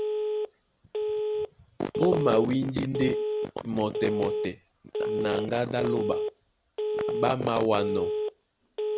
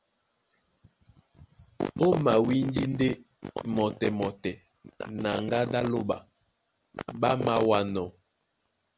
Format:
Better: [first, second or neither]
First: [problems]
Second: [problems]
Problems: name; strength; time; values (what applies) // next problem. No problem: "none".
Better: second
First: background sound (Telephone); 1 dB below the speech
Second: none